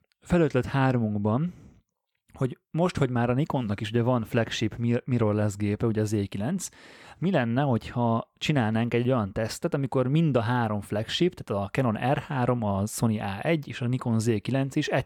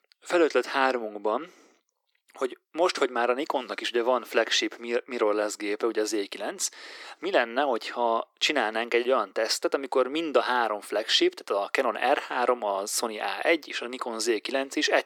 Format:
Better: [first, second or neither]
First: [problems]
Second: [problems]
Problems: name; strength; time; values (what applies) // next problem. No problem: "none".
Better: first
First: none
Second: thin; very; fading below 300 Hz